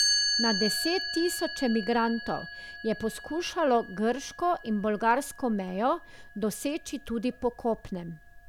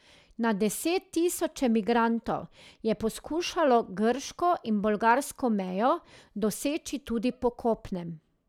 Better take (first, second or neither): second